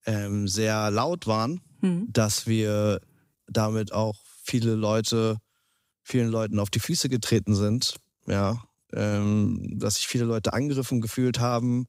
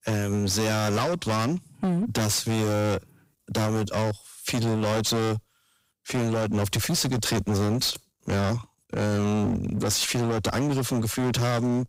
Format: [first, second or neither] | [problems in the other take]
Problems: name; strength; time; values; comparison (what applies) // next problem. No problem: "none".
first | distortion; heavy; 30% of the sound clipped